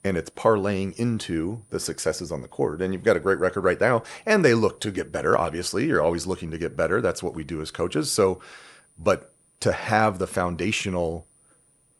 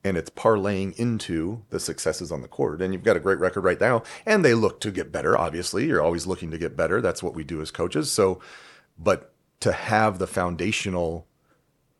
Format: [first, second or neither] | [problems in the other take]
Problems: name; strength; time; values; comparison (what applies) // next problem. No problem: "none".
second | high-pitched whine; faint; throughout; 9.5 kHz, 35 dB below the speech